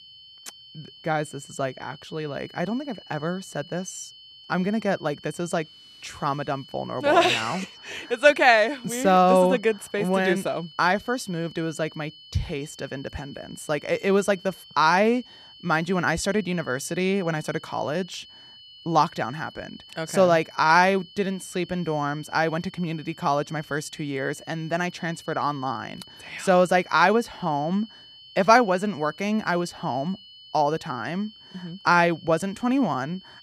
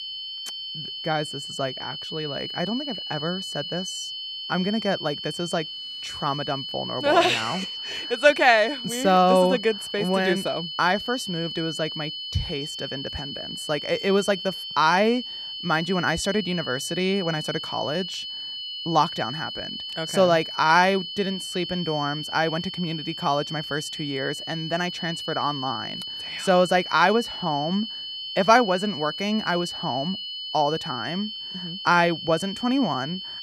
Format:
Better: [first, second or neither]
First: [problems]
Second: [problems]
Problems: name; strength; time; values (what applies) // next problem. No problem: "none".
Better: first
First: high-pitched whine; faint; throughout; 3 kHz, 20 dB below the speech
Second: high-pitched whine; loud; throughout; 3 kHz, 7 dB below the speech